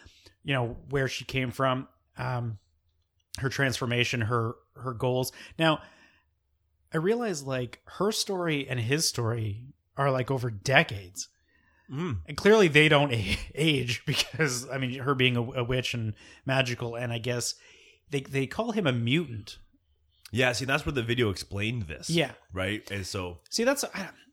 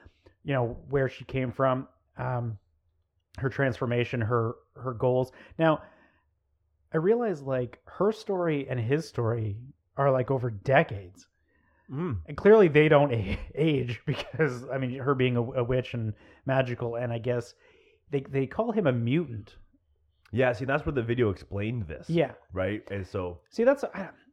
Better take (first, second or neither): first